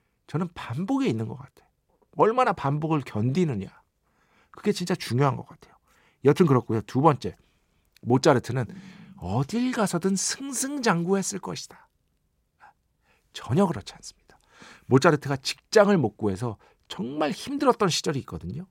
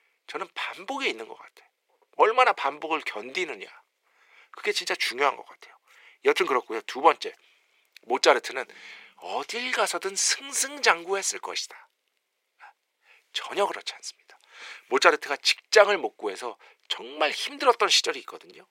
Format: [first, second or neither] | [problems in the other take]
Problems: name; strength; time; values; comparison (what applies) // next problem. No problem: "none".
first | thin; very; fading below 400 Hz